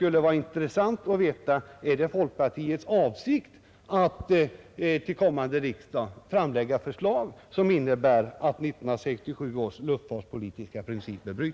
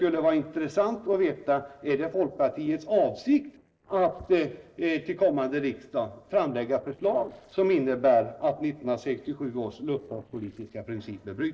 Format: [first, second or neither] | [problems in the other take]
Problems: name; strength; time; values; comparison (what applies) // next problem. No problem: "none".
first | noise reduction (neural separator model SepFormer DNS4)